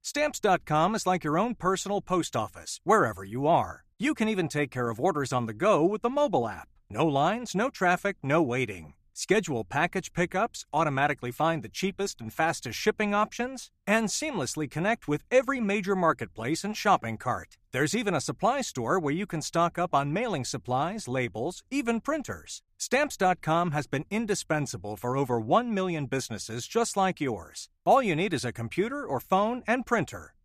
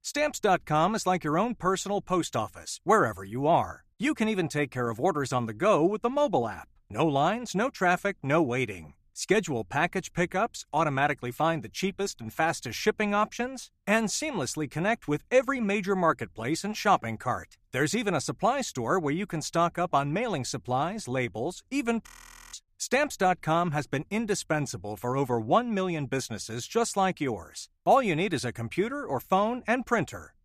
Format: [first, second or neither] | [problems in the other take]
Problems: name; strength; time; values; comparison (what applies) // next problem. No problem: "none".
first | audio freezing; at 22 s